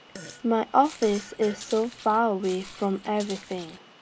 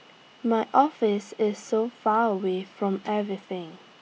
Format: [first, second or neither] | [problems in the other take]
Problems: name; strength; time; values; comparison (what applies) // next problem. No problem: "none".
second | background sound (Walk, footsteps + Fart); 18 dB below the speech